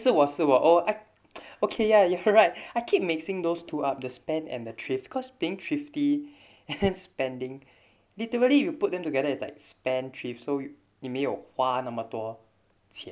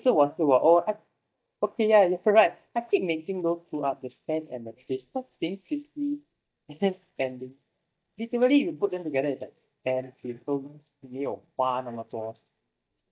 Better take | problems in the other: first | noise reduction (neural mask model DeepFilterNet 3)

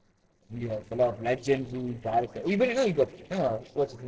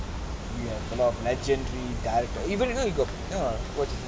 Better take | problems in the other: second | noise reduction (neural separator model SepFormer DNS4)

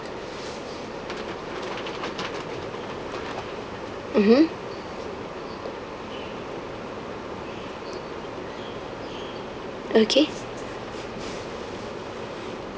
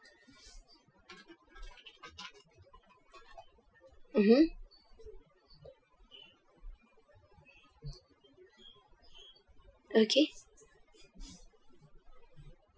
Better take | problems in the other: first | noise reduction (classical method Wiener filter)

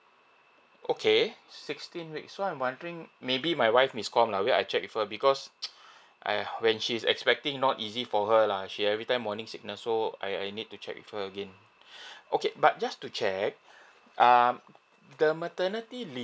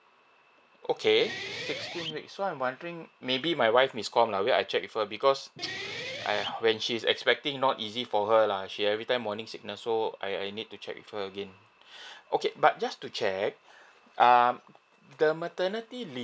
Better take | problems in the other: first | background sound (Guitar); 12 dB below the speech

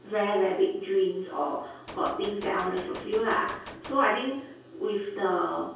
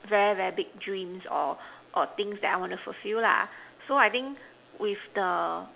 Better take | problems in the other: second | background sound (Gunshot, gunfire); 15 dB below the speech // room echo; dies away in 0.6 s

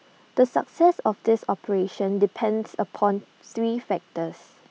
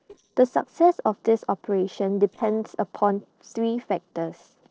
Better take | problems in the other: first | noise reduction (neural separator model SepFormer DNS4)

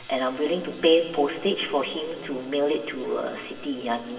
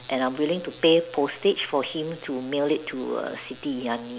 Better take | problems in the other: second | room echo; dies away in 2.5 s

